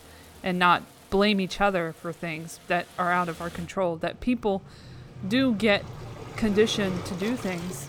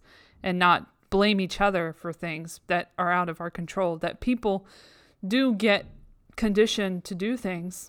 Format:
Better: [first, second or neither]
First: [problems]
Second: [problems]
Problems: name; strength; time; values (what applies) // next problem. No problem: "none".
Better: second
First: rain or running water; noticeable; throughout; 15 dB below the speech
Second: none